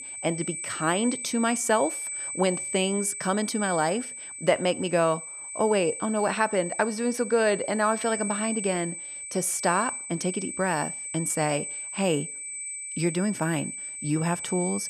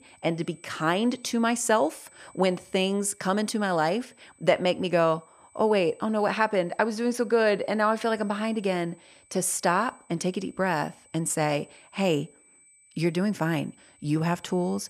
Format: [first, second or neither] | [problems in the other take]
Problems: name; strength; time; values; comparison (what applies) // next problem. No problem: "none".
second | high-pitched whine; loud; throughout; 8.5 kHz, 6 dB below the speech; faint in the second